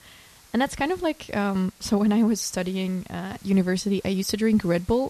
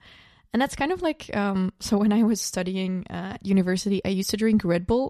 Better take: second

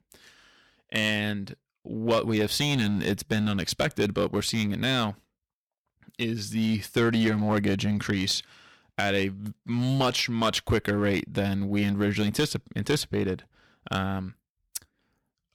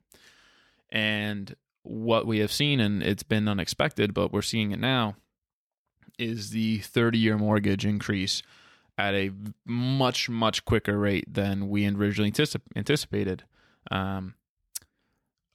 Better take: second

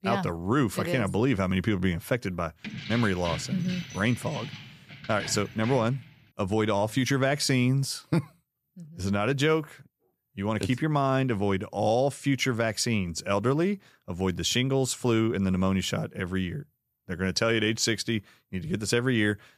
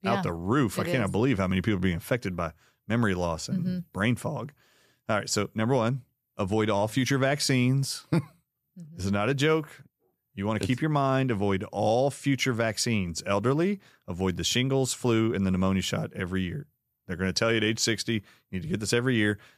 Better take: second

